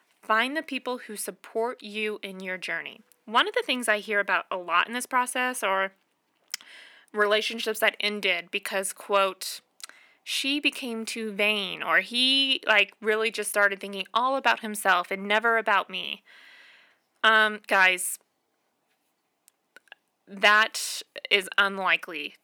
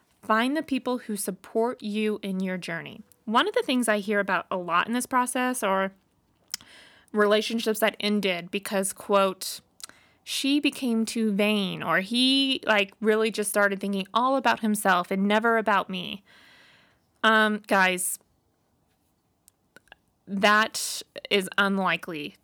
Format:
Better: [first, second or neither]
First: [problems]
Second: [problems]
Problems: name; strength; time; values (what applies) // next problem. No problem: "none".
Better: second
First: thin; somewhat; fading below 350 Hz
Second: none